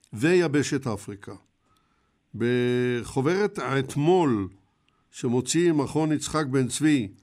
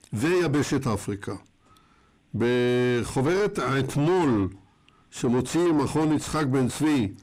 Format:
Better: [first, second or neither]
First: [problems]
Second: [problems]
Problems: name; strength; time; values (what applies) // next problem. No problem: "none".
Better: first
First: none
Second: distortion; heavy; 6 dB below the speech